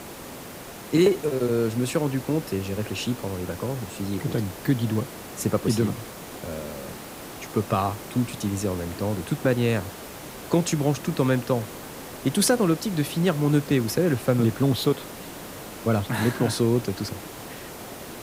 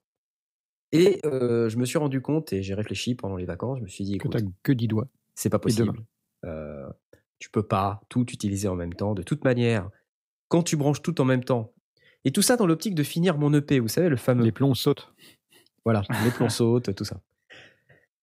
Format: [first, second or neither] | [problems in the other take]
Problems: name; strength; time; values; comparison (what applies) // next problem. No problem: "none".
second | hiss; noticeable; throughout; 15 dB below the speech